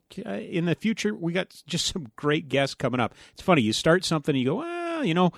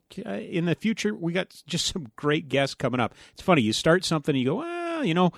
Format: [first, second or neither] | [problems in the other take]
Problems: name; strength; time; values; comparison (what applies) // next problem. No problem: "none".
neither | none